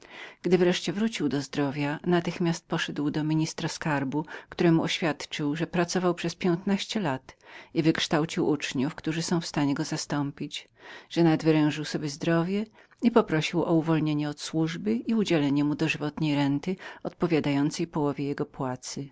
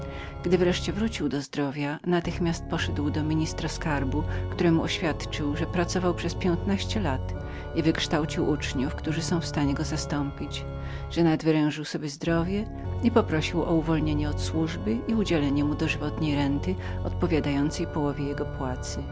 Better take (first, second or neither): first